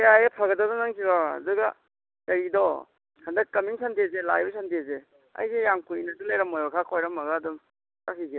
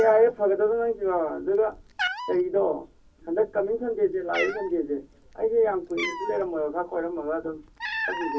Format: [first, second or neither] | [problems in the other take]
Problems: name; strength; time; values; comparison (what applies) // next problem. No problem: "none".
first | background sound (Cat); 11 dB below the speech // room echo; dies away in 0.3 s